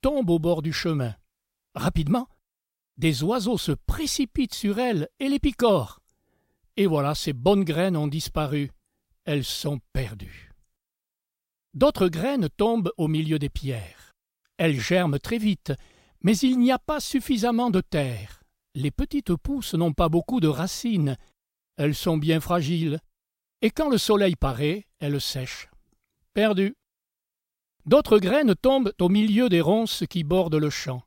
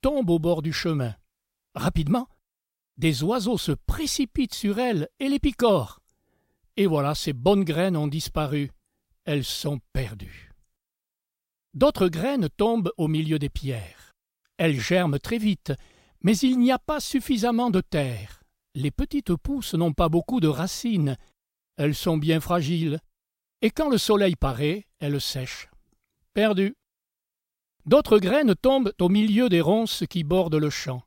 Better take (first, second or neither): neither